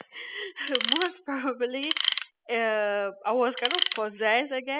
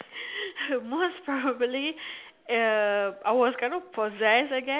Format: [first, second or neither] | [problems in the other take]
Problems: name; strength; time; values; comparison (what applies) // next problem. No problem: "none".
second | noise reduction (classical method spectral subtraction)